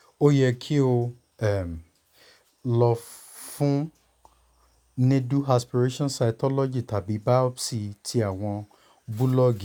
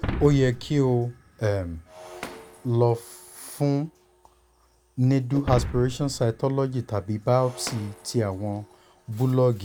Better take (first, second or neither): first